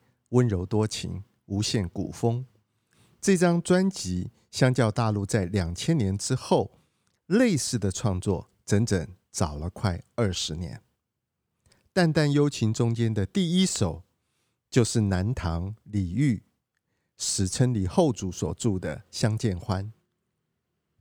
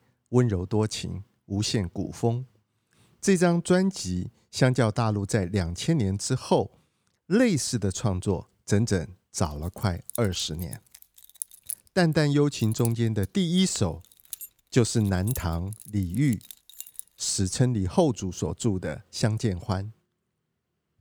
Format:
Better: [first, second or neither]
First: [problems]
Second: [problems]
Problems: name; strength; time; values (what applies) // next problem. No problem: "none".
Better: first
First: none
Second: jangling keys; noticeable; from 10 to 17 s; peak 7 dB below the speech